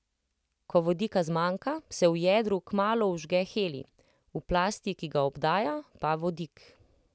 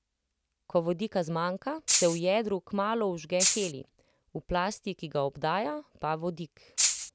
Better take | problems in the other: first | background sound (Rattle (instrument)); 5 dB above the speech

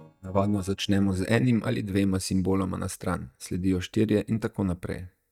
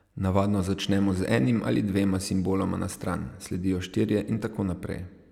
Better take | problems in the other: second | noise reduction (neural mask model DeepFilterNet 3)

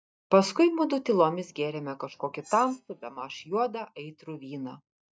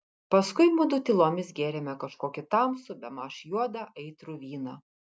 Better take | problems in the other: second | noise reduction (neural mask model DeepFilterNet 3)

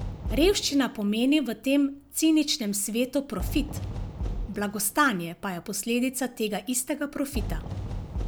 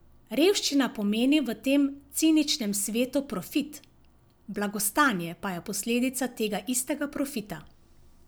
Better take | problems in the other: second | background sound (Fireworks); 9 dB below the speech

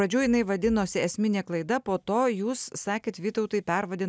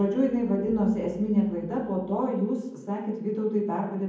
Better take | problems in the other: first | room echo; dies away in 1.2 s

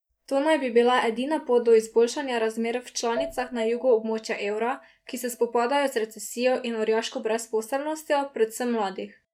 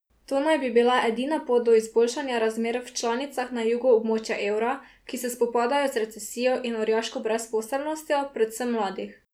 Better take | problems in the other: second | noise reduction (neural mask model DeepFilterNet 3)

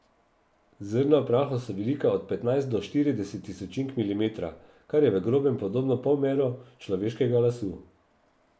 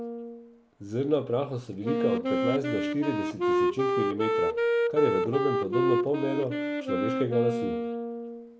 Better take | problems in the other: first | background sound (Wind instrument, woodwind instrument); 2 dB above the speech

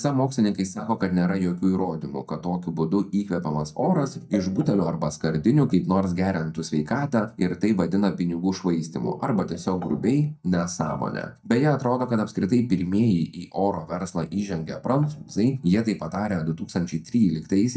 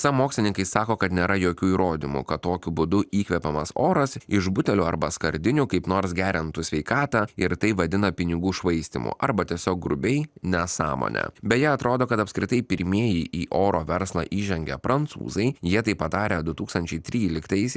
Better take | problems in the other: second | noise reduction (neural mask model DeepFilterNet 3)

